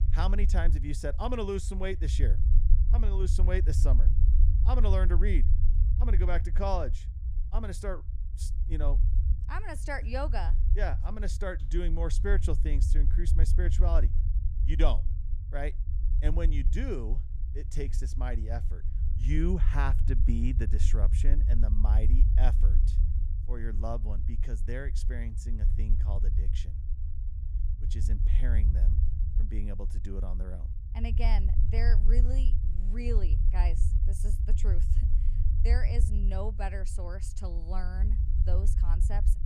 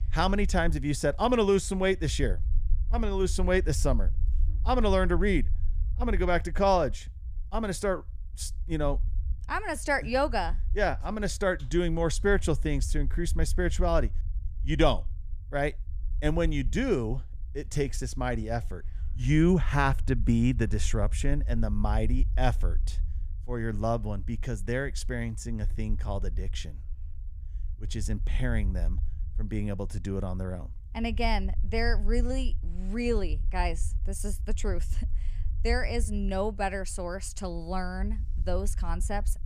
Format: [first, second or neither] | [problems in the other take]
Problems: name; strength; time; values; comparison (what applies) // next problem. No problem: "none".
second | low rumble; loud; throughout; 10 dB below the speech; faint in the second